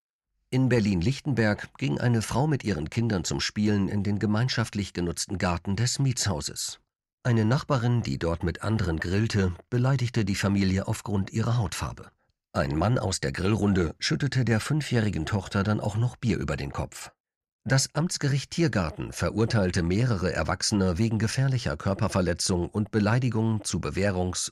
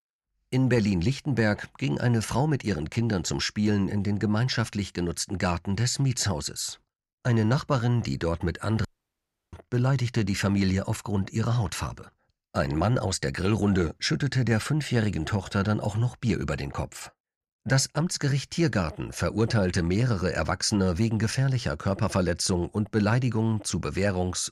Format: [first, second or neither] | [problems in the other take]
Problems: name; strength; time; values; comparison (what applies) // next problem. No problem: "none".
first | audio cutting out; at 9 s for 0.5 s